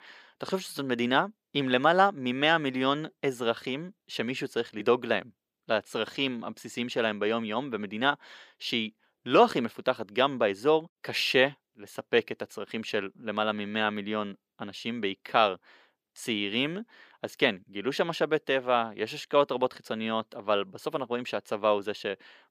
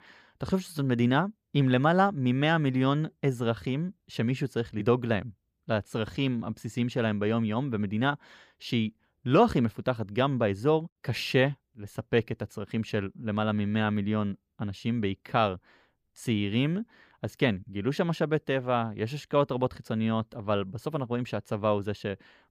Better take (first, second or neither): second